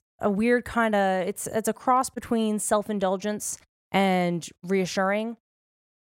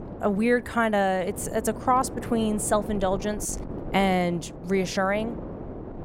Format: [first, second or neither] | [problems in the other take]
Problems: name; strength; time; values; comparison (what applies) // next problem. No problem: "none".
first | wind noise on the microphone; occasional gusts; 15 dB below the speech